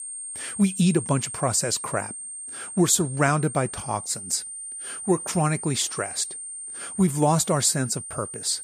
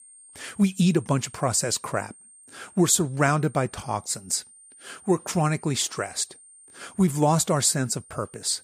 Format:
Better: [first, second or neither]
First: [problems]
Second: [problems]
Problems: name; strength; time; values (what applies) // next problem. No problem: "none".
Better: second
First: high-pitched whine; loud; throughout; 9 kHz, 9 dB below the speech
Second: high-pitched whine; faint; throughout; 9 kHz, 25 dB below the speech